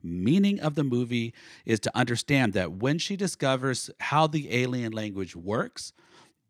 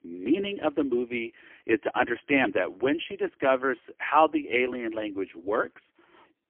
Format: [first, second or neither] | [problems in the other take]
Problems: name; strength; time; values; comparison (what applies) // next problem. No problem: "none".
first | phone-call audio; poor line; nothing above 3 kHz